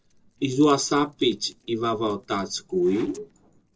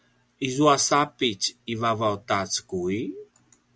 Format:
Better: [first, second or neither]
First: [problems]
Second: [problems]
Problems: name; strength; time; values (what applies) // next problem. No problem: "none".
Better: second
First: noise reduction (neural separator model SepFormer DNS4)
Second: none